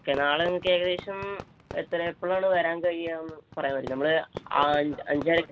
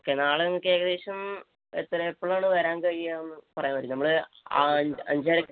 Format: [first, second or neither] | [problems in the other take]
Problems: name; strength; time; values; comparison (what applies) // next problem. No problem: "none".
second | background sound (Fireworks); 16 dB below the speech